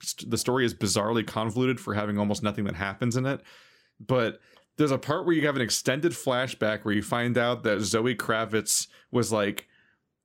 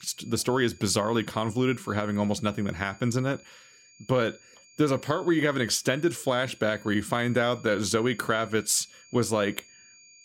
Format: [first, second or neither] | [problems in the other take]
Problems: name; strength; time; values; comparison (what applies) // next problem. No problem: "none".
first | high-pitched whine; faint; throughout; 6.5 kHz, 25 dB below the speech